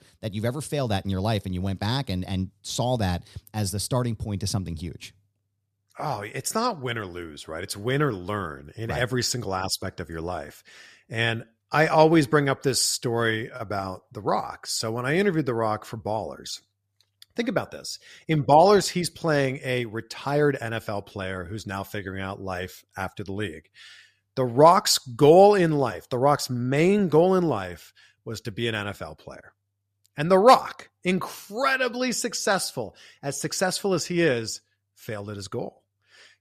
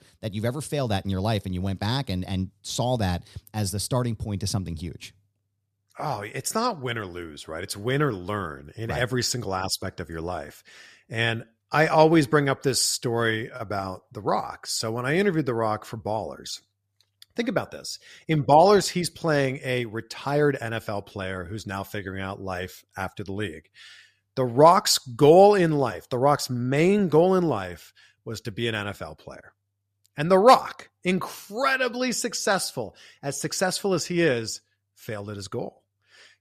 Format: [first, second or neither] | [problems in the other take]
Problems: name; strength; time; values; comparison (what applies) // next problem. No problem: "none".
neither | none